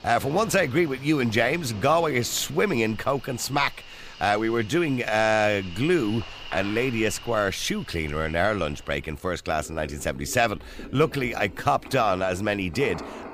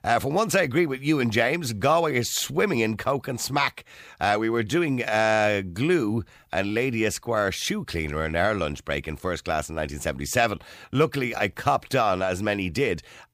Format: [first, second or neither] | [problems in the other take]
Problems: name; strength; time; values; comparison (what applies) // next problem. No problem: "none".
second | animal sounds; noticeable; throughout; 15 dB below the speech